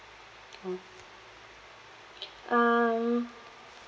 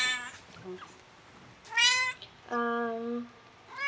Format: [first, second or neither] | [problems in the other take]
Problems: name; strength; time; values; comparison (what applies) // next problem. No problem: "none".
first | background sound (Meow); 5 dB above the speech